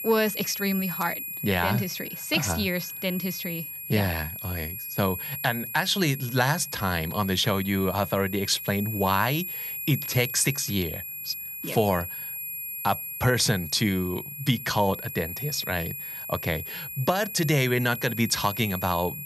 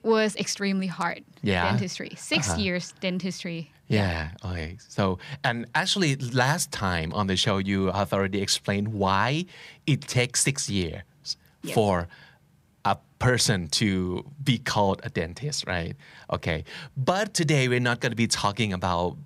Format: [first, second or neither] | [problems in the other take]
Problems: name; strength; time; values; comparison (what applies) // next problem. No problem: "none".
second | high-pitched whine; loud; throughout; 11.5 kHz, 7 dB below the speech